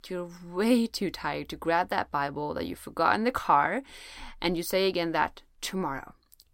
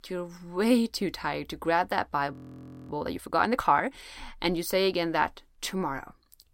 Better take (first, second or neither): first